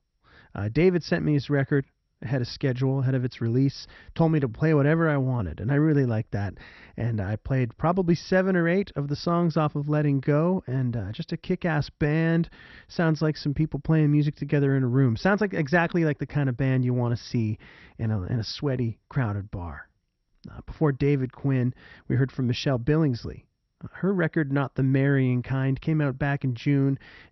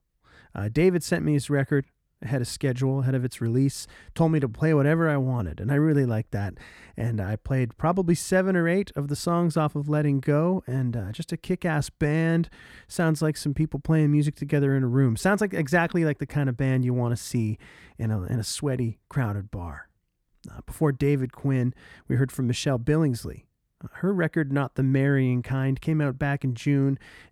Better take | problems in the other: second | garbled, watery; slightly; nothing above 6 kHz

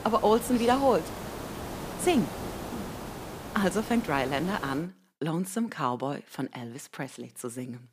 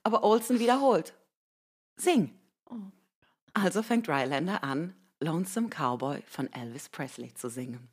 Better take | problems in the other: second | hiss; loud; until 5 s; 10 dB below the speech

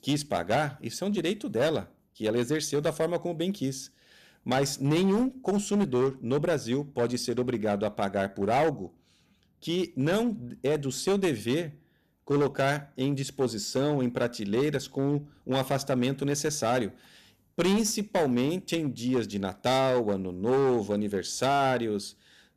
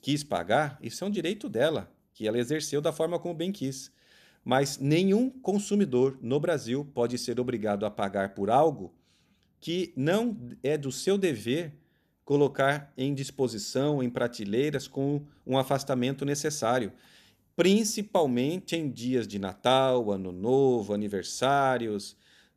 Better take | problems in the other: second | distortion; slight; 9% of the sound clipped

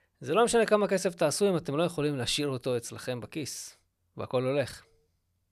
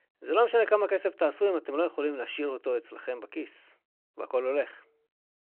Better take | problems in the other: first | phone-call audio

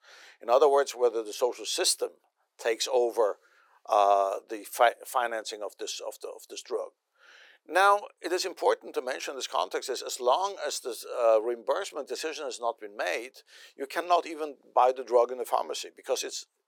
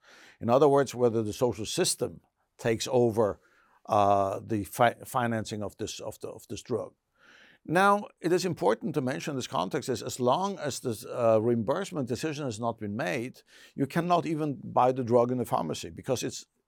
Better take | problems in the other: second | thin; very; fading below 400 Hz

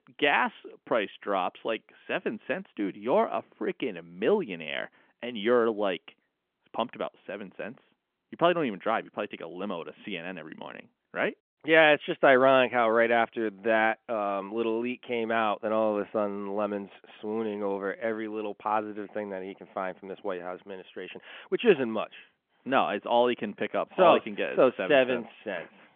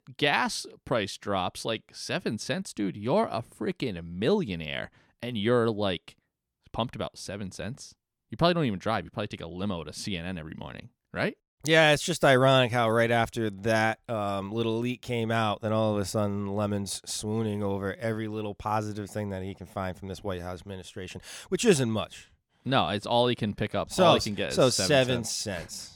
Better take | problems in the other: second | phone-call audio; nothing above 3.5 kHz

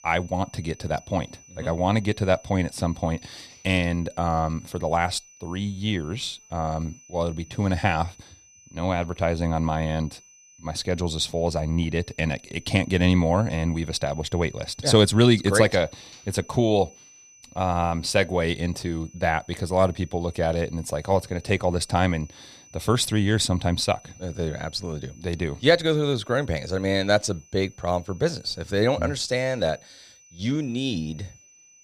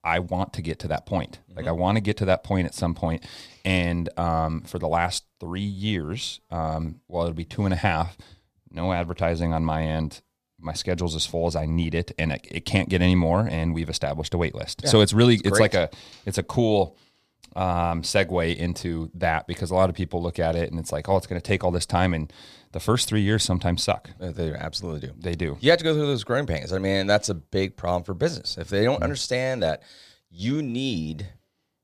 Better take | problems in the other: second | high-pitched whine; faint; throughout; 6 kHz, 25 dB below the speech

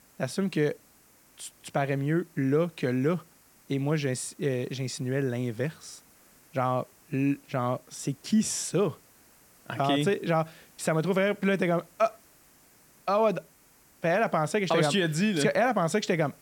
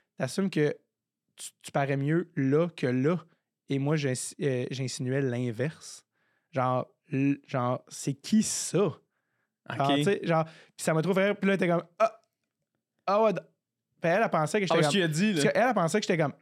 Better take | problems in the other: second | hiss; faint; throughout; 30 dB below the speech

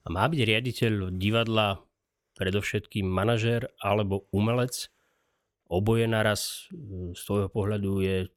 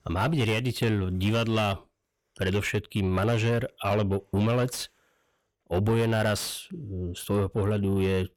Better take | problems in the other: first | distortion; slight; 10 dB below the speech

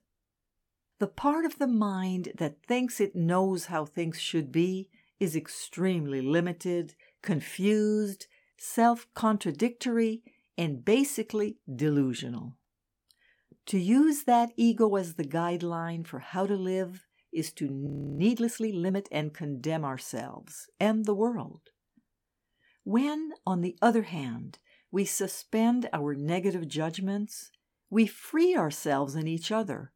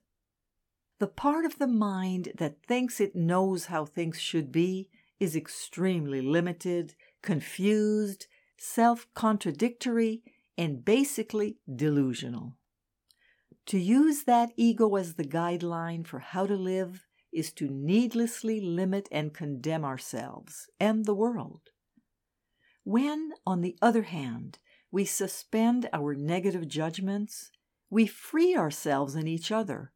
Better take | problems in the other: second | audio freezing; at 18 s

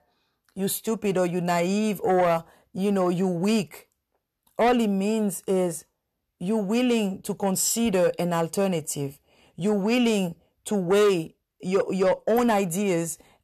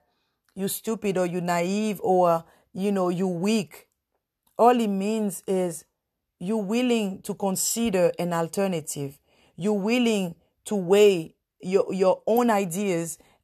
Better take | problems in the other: second | distortion; slight; 10 dB below the speech

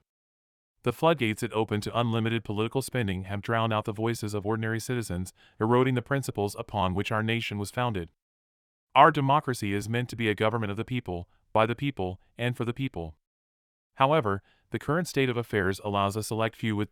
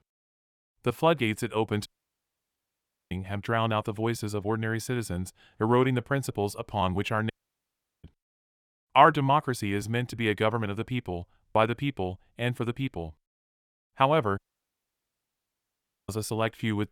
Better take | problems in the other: first | audio cutting out; at 2 s for 1 s, at 7.5 s for 0.5 s and at 14 s for 1.5 s

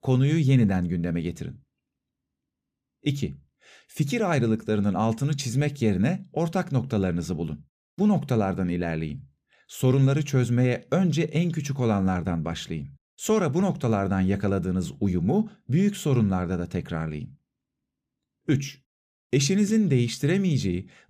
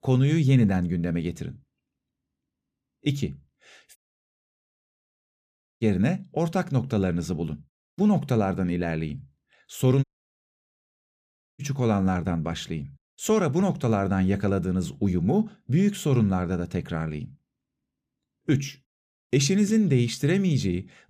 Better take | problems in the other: first | audio cutting out; at 4 s for 2 s and at 10 s for 1.5 s

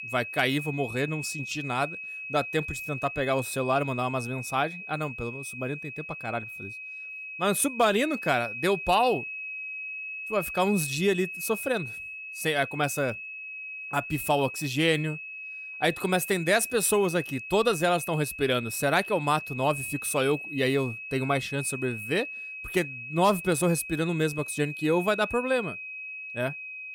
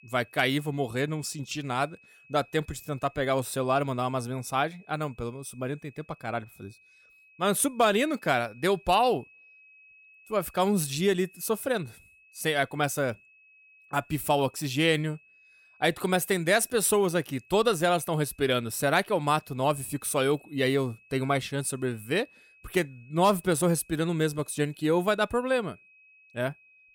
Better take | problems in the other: second | high-pitched whine; loud; throughout; 2.5 kHz, 8 dB below the speech; faint in the second

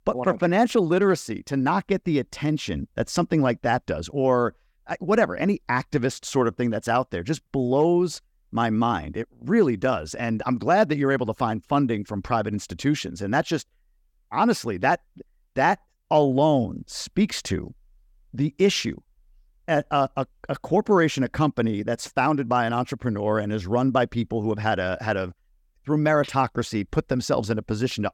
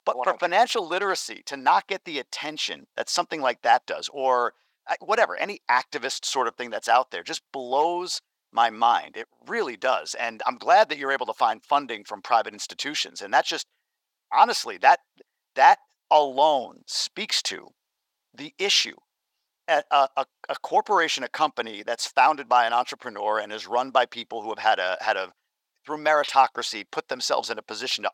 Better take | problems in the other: first | thin; very; fading below 750 Hz

